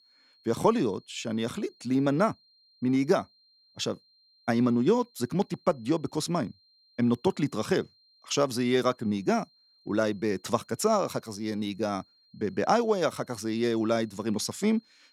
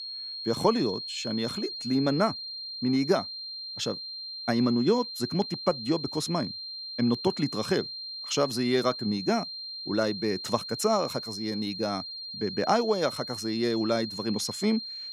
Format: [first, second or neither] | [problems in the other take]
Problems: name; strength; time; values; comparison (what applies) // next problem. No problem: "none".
first | high-pitched whine; loud; throughout; 4 kHz, 7 dB below the speech; faint in the first